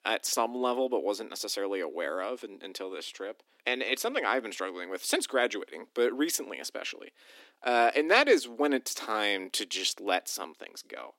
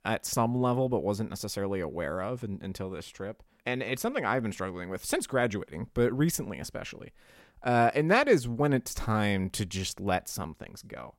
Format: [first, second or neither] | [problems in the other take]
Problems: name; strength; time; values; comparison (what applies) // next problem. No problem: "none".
second | thin; somewhat; fading below 250 Hz